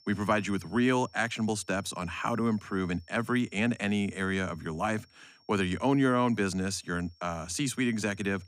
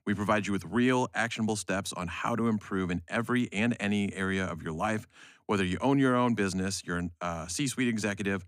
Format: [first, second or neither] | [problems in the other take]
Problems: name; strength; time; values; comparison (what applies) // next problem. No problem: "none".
second | high-pitched whine; faint; throughout; 5.5 kHz, 30 dB below the speech